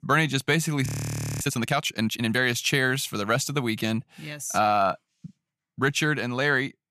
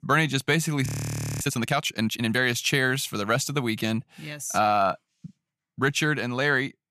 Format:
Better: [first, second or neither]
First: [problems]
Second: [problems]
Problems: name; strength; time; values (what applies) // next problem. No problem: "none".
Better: neither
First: audio freezing; at 1 s for 0.5 s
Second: audio freezing; at 1 s for 0.5 s